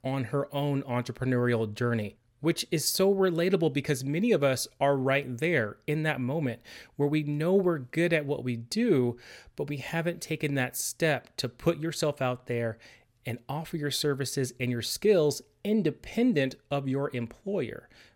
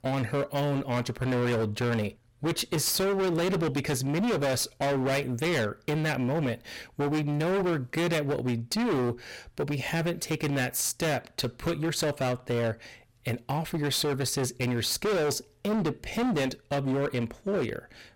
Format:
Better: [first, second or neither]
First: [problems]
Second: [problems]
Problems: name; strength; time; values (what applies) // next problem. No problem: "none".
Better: first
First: none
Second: distortion; heavy; 27% of the sound clipped